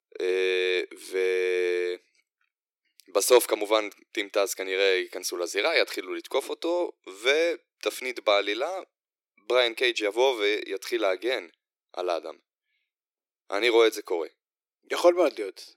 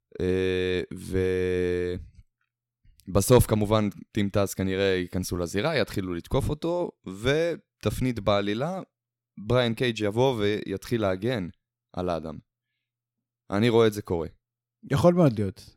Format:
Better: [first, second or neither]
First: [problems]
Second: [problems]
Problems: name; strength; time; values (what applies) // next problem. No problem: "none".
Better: second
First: thin; very; fading below 350 Hz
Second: none